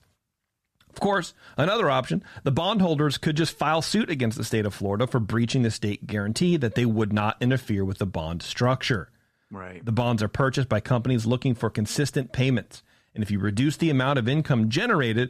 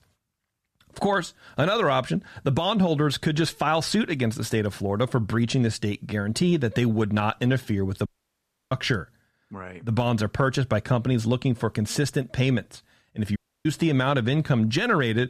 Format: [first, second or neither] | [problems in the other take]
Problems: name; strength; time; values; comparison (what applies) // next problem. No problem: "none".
first | audio cutting out; at 8 s for 0.5 s and at 13 s